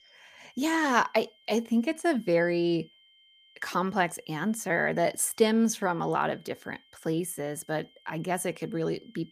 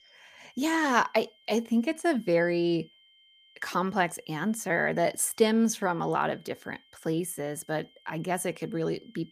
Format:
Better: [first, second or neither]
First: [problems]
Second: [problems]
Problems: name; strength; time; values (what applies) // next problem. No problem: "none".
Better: neither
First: high-pitched whine; faint; throughout; 3 kHz, 30 dB below the speech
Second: high-pitched whine; faint; throughout; 3 kHz, 30 dB below the speech